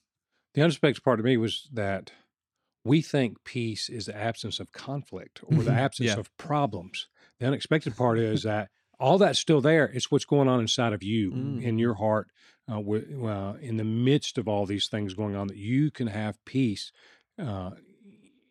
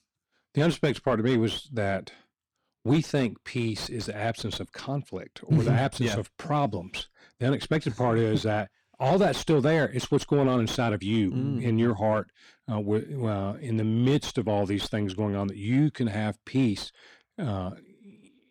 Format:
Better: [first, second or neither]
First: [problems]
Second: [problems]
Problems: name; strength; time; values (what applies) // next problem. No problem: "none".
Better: first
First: none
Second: distortion; slight; 9 dB below the speech